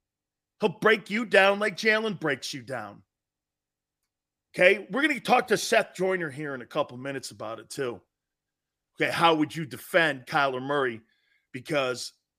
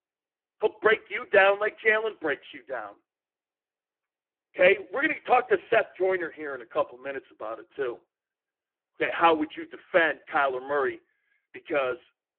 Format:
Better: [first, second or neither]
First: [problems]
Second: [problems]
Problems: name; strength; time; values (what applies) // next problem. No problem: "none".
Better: first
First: none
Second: phone-call audio; poor line